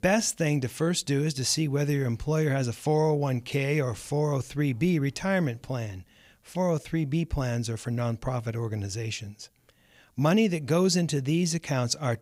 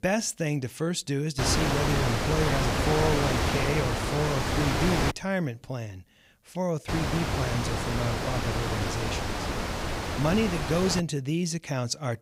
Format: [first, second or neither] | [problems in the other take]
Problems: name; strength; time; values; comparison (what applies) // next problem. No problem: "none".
first | wind noise on the microphone; heavy; from 1.5 to 5 s and from 7 to 11 s; 3 dB above the speech